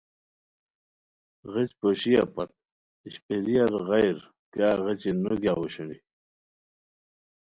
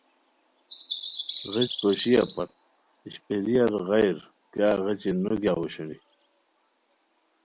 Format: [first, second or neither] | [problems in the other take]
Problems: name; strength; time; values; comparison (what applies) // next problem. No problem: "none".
first | background sound (Bird vocalization, bird call, bird song); 14 dB below the speech